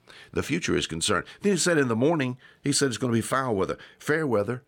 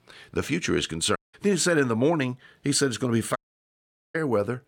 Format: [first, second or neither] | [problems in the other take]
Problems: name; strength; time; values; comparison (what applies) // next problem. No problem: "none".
first | audio cutting out; at 1 s and at 3.5 s for 1 s